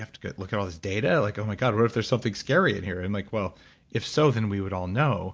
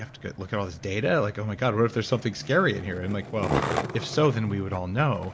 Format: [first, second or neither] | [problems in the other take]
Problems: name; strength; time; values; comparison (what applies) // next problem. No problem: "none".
first | background sound (Skateboard); 8 dB below the speech